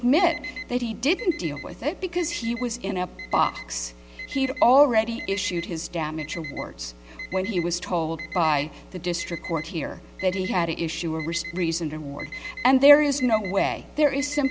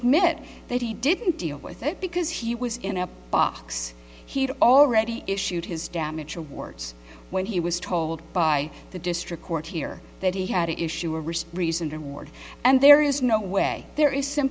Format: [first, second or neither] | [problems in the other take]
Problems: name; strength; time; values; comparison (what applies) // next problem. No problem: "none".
second | background sound (Alarm); 15 dB below the speech